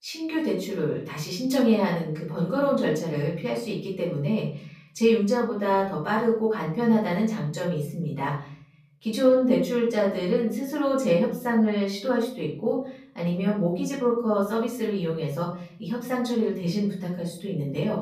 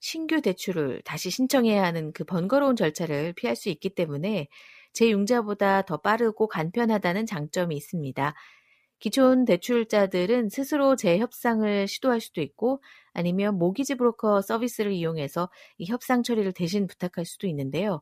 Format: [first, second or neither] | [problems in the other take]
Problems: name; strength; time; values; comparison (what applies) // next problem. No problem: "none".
second | room echo; slight; dies away in 0.6 s // off-mic speech; far